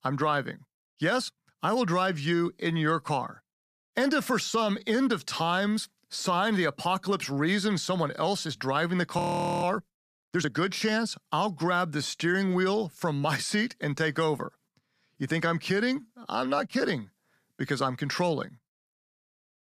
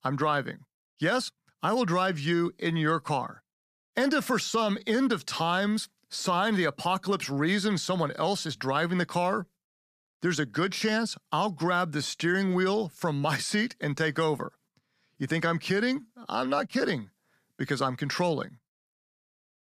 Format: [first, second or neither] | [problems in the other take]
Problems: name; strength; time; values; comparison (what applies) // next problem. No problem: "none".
second | audio freezing; at 9 s